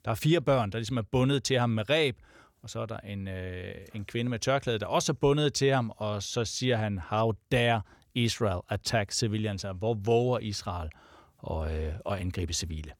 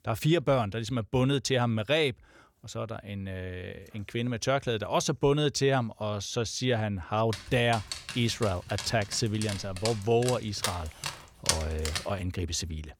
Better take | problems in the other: first | dog barking; loud; from 7.5 to 12 s; peak level with the speech

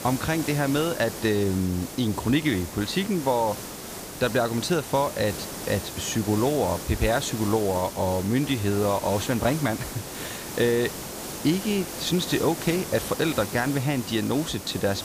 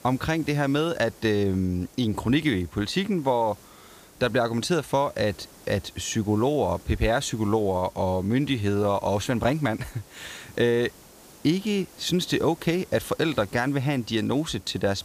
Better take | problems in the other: second | hiss; loud; throughout; 9 dB below the speech; faint in the second

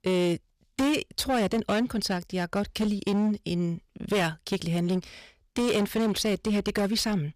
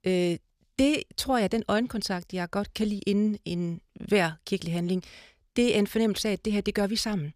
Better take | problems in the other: second | distortion; slight; 13% of the sound clipped

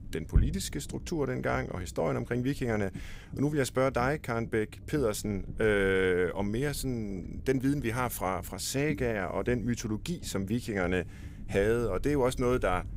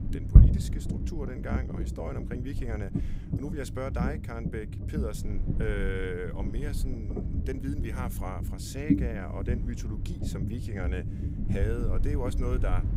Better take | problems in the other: first | low rumble; loud; throughout; 3 dB below the speech; faint in the first

